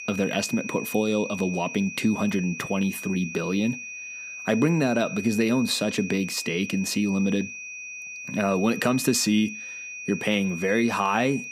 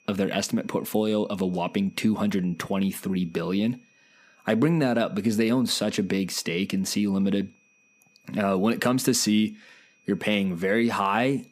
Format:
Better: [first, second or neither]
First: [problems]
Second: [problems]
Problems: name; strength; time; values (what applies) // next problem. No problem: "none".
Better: second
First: high-pitched whine; loud; throughout; 2.5 kHz, 10 dB below the speech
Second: high-pitched whine; faint; throughout; 2.5 kHz, 35 dB below the speech